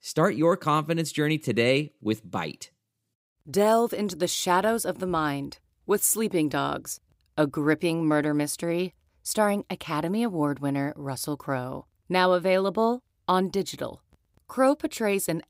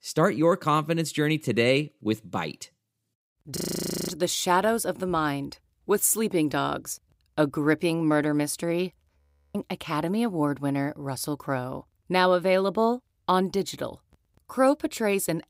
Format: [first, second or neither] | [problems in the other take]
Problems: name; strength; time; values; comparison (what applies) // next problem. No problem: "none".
first | audio freezing; at 3.5 s for 0.5 s and at 9 s